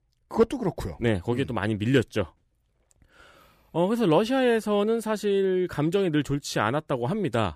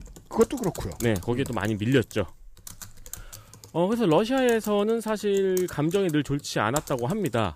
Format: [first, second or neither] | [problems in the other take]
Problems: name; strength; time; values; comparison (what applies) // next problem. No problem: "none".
first | keyboard typing; faint; peak 10 dB below the speech